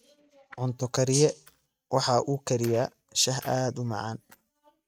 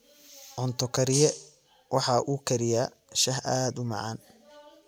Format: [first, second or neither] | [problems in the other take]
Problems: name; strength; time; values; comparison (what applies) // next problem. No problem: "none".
second | noise reduction (neural mask model RNNoise)